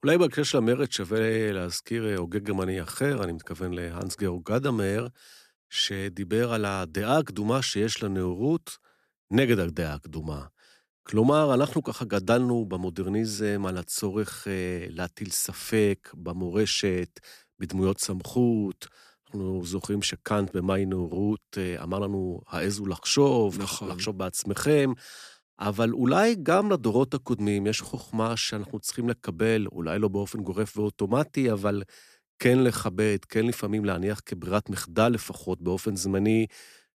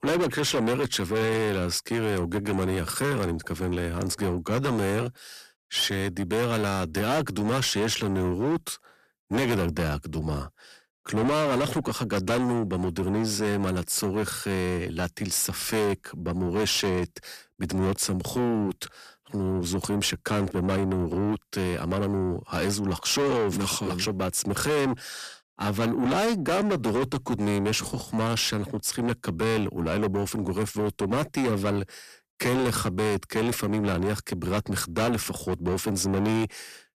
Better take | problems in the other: first | distortion; heavy; 6 dB below the speech

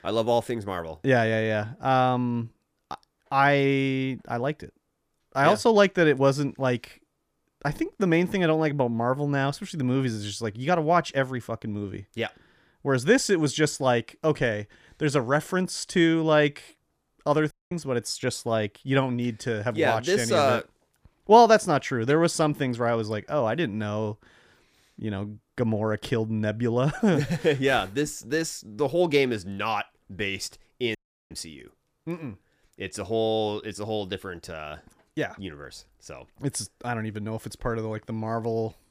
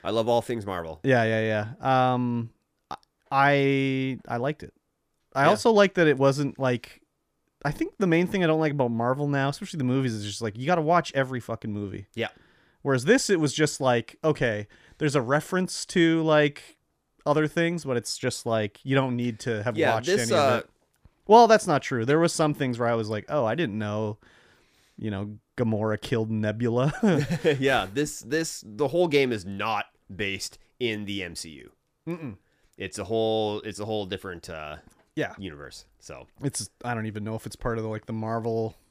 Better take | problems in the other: second | audio cutting out; at 18 s and at 31 s

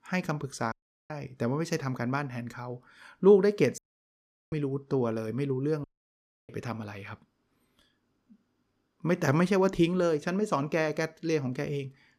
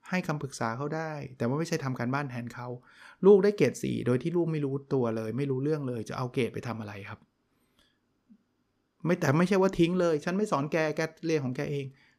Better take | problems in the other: second | audio cutting out; at 0.5 s, at 4 s for 0.5 s and at 6 s for 0.5 s

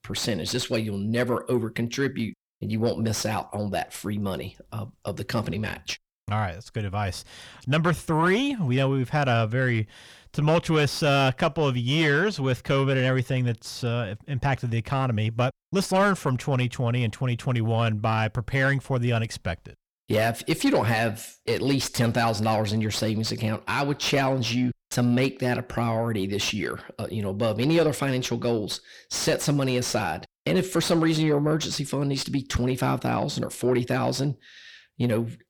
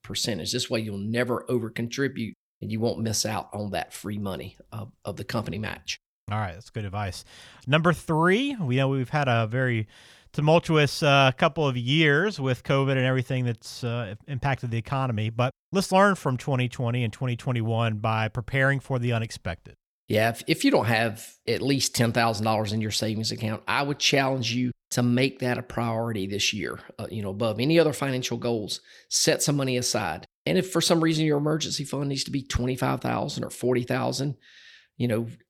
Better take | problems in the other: second | distortion; slight; 10 dB below the speech

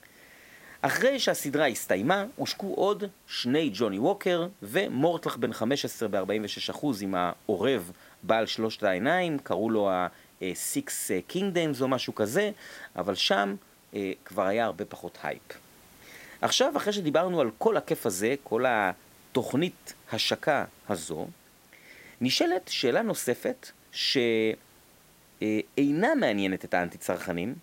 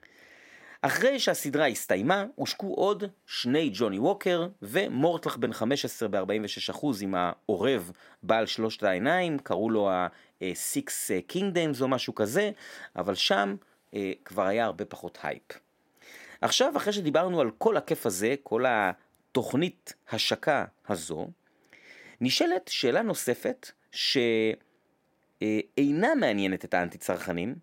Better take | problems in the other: second | hiss; faint; throughout; 30 dB below the speech

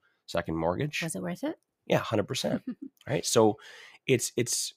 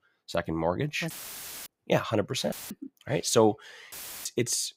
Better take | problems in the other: first | audio cutting out; filled with static; at 1 s for 0.5 s, at 2.5 s and at 4 s

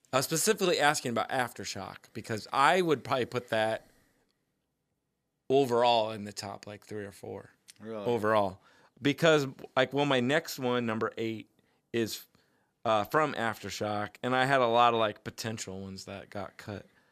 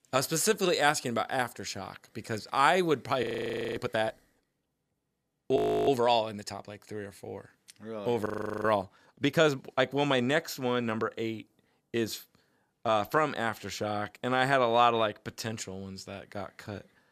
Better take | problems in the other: first | audio freezing; at 3 s for 0.5 s, at 5.5 s and at 8.5 s

